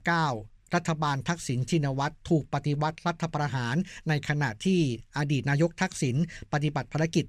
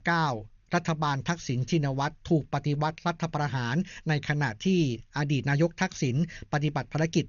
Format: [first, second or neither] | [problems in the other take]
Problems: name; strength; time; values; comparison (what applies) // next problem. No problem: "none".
first | garbled, watery; slightly; nothing above 6.5 kHz